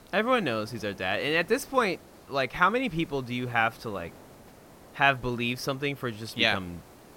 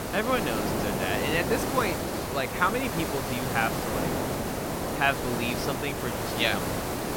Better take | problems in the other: first | hiss; loud; throughout; 1 dB below the speech; faint in the first

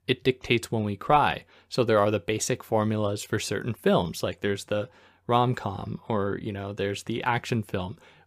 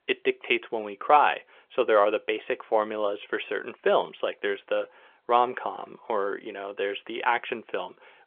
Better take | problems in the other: first | phone-call audio; nothing above 3.5 kHz

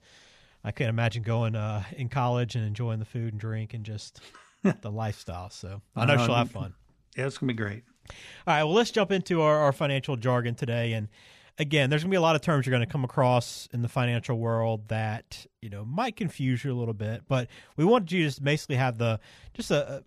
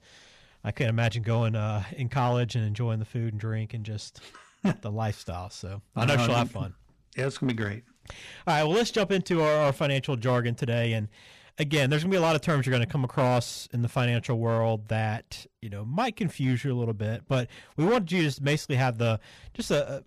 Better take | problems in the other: first | distortion; slight; 6% of the sound clipped

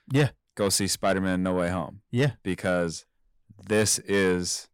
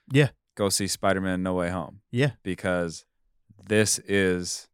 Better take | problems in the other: second | distortion; slight; 10 dB below the speech

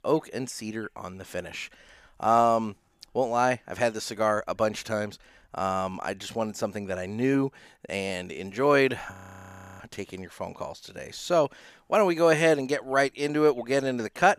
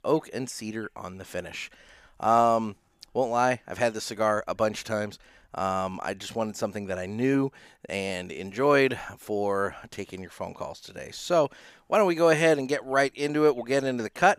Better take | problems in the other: second | audio freezing; at 9 s for 0.5 s

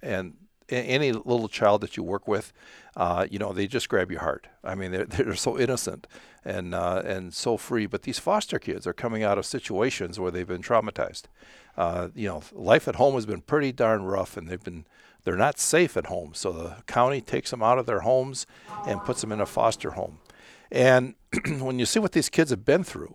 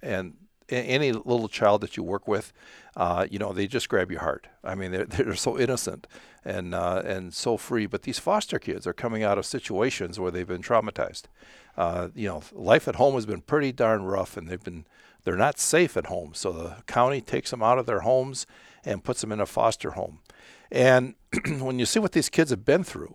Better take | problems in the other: second | door banging; faint; from 19 to 20 s; peak 10 dB below the speech

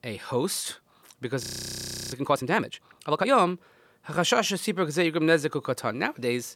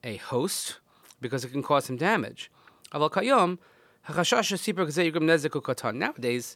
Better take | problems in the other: second | audio freezing; at 1.5 s for 0.5 s

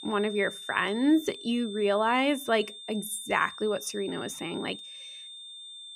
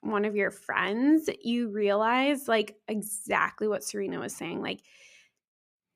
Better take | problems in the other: second | high-pitched whine; noticeable; throughout; 3.5 kHz, 15 dB below the speech

